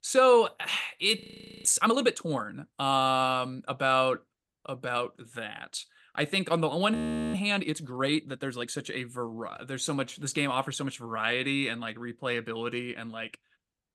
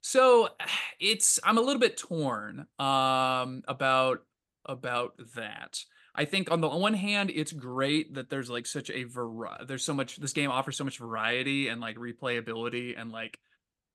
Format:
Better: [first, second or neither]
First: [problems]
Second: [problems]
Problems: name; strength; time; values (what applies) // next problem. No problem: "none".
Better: second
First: audio freezing; at 1 s and at 7 s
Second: none